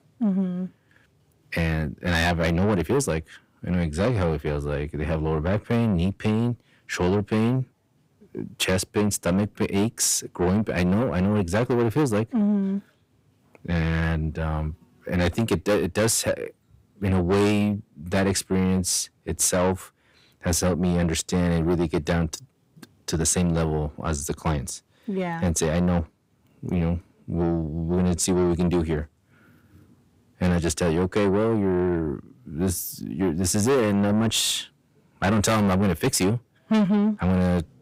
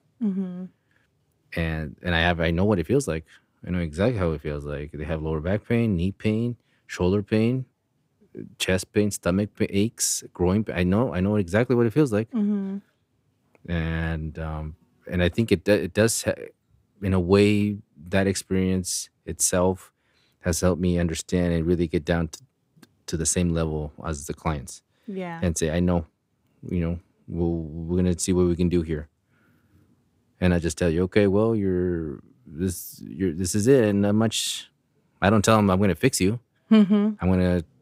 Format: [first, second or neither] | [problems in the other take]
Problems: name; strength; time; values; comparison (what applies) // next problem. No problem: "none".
second | distortion; heavy; 7 dB below the speech